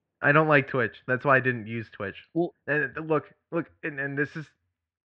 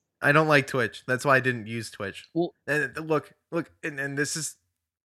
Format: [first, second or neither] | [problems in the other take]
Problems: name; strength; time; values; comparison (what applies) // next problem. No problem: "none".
second | muffled; very; fading above 3 kHz